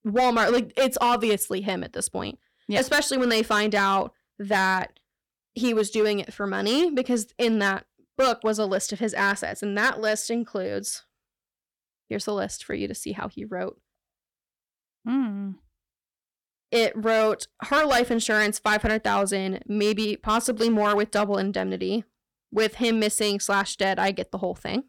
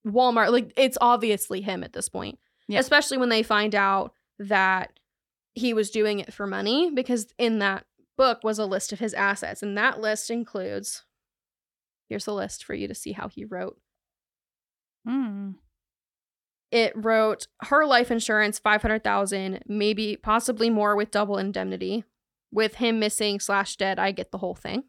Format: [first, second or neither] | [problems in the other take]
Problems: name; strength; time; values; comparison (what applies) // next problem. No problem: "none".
second | distortion; slight; 5% of the sound clipped